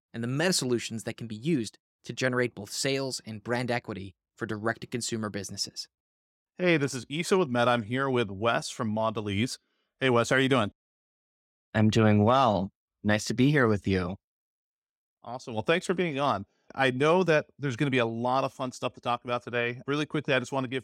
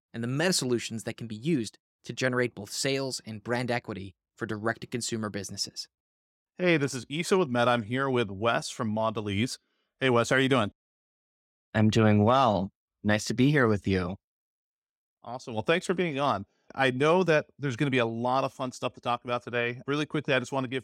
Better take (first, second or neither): neither